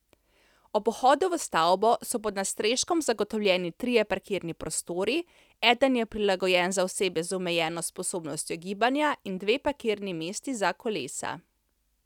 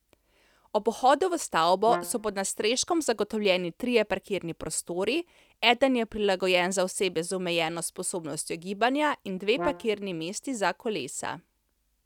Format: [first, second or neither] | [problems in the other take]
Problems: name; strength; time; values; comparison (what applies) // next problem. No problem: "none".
first | background sound (Brass instrument); 11 dB below the speech